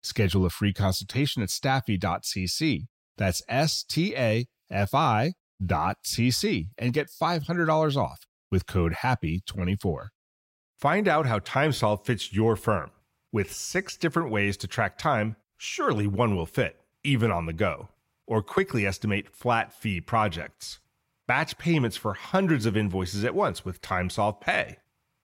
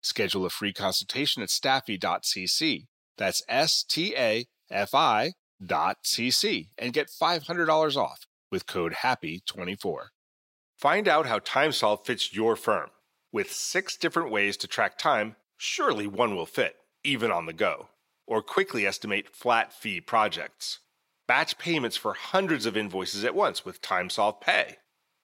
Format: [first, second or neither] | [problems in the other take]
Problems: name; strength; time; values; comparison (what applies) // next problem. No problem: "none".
first | thin; somewhat; fading below 350 Hz